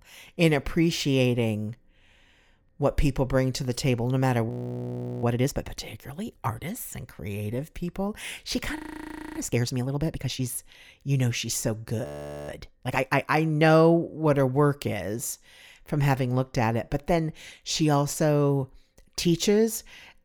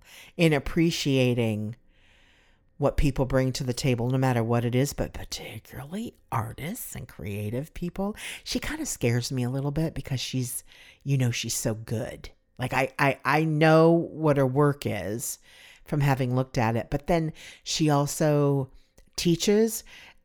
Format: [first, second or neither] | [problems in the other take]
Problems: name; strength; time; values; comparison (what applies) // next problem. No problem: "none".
second | audio freezing; at 4.5 s for 0.5 s, at 9 s for 0.5 s and at 12 s